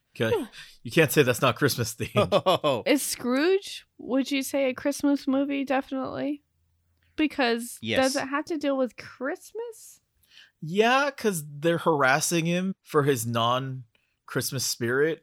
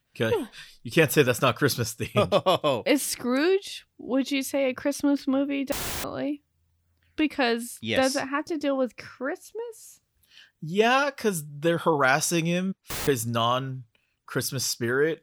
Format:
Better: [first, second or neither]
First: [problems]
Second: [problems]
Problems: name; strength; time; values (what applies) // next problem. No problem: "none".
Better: first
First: none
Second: audio cutting out; filled with static; at 5.5 s and at 13 s